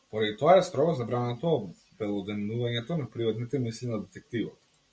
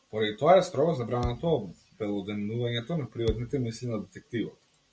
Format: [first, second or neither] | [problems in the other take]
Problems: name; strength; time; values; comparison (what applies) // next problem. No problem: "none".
first | background sound (Thump, thud); 11 dB below the speech